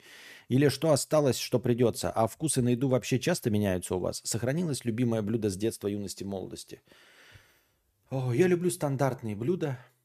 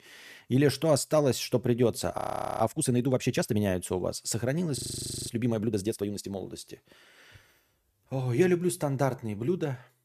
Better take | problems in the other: first | audio freezing; at 2 s and at 5 s for 0.5 s

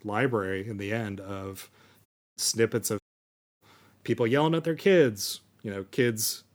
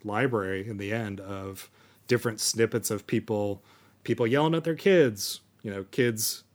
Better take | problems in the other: second | audio cutting out; at 2 s and at 3 s for 0.5 s

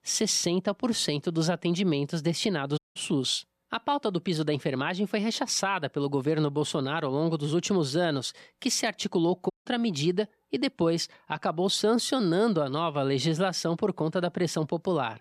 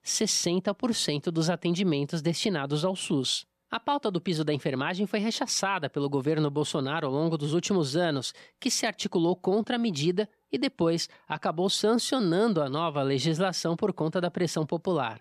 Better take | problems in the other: second | audio cutting out; at 3 s and at 9.5 s

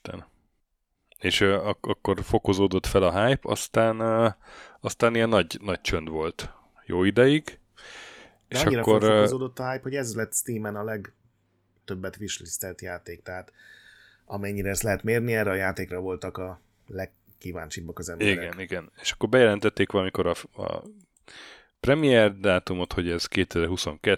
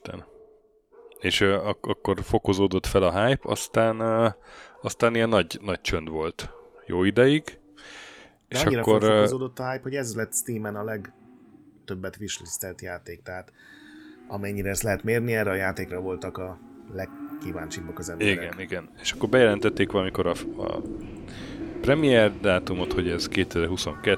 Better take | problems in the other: first | animal sounds; noticeable; throughout; 15 dB below the speech

